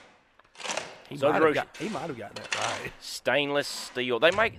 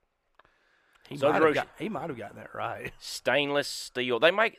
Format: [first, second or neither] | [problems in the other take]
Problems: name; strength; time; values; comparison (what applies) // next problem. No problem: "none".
second | machinery noise; loud; throughout; 9 dB below the speech